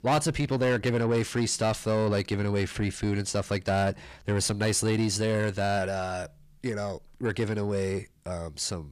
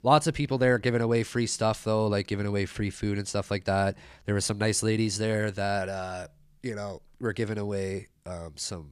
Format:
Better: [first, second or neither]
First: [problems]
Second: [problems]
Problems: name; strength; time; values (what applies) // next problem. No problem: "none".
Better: second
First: distortion; slight; 10 dB below the speech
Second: none